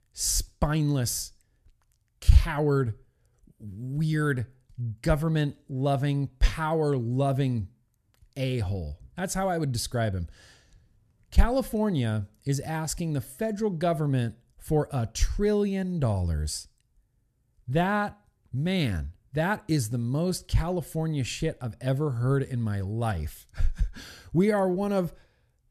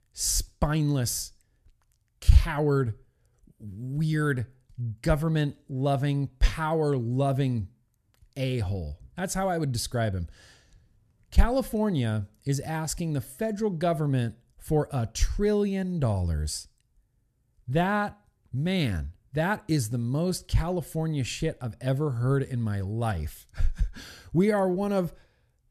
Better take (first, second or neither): neither